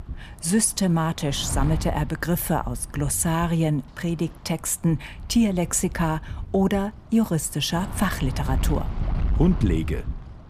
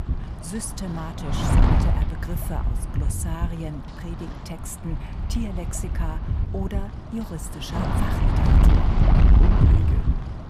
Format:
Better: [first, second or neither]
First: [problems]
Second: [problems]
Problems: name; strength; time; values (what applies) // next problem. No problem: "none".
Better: first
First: wind noise on the microphone; occasional gusts; 15 dB below the speech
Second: wind noise on the microphone; heavy; 4 dB above the speech